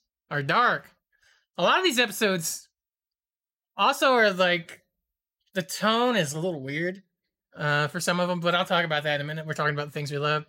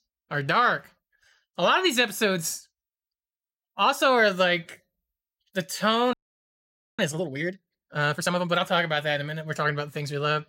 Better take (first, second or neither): first